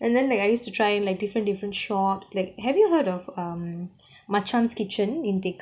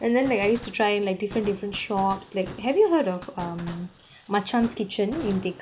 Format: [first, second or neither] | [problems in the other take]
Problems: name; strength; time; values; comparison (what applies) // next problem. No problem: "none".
first | background sound (Fireworks); 17 dB below the speech